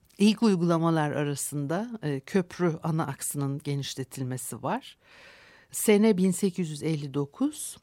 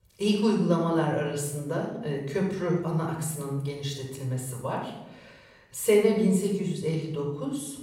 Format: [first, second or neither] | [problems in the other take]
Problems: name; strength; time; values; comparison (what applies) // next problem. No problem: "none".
first | room echo; noticeable; dies away in 0.7 s // off-mic speech; somewhat distant